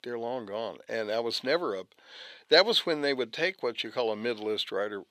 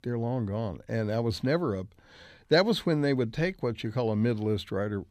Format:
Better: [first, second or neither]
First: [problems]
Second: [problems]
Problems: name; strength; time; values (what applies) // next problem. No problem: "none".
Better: second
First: thin; somewhat; fading below 500 Hz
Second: none